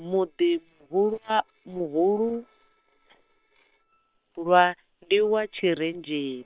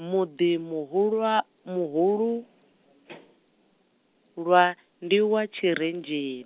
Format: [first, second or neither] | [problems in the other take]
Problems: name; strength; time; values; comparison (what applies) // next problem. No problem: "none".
second | noise reduction (neural separator model SepFormer WHAM!)